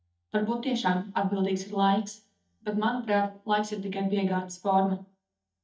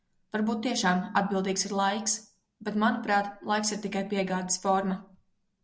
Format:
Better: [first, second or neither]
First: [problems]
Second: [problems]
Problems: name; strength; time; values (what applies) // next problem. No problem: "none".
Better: second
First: noise reduction (neural mask model DeepFilterNet 3)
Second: none